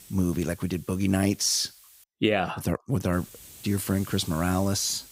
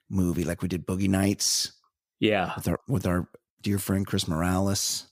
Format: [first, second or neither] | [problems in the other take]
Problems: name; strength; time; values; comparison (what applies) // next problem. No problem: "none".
second | hiss; noticeable; until 2 s and from 3 s on; 20 dB below the speech